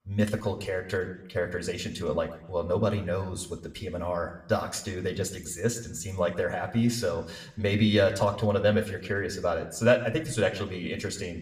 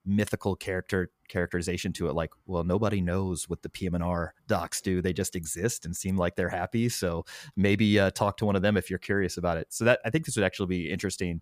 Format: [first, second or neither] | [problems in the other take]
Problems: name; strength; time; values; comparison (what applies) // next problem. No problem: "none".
second | room echo; very slight; dies away in 0.6 s // off-mic speech; somewhat distant